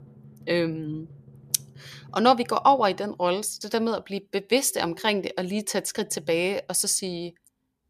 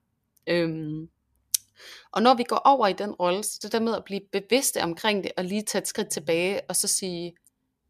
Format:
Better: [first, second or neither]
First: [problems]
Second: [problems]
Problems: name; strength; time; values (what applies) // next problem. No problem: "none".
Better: second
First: background music; faint; until 6 s; 25 dB below the speech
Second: none